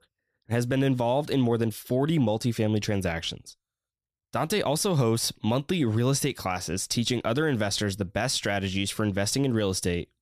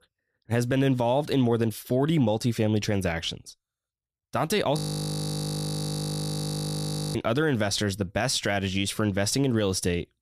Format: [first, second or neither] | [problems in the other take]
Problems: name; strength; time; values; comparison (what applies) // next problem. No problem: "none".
first | audio freezing; at 5 s for 2.5 s